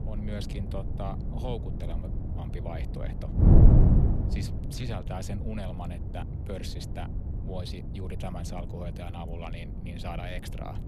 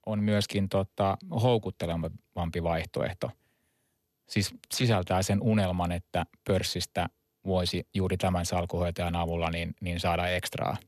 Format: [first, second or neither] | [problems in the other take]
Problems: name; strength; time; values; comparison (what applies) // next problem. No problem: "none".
second | wind noise on the microphone; heavy; 1 dB above the speech